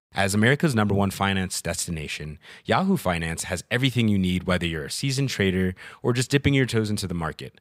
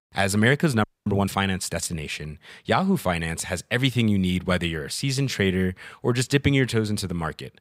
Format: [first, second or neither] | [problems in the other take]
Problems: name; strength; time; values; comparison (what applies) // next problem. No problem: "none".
first | audio freezing; at 1 s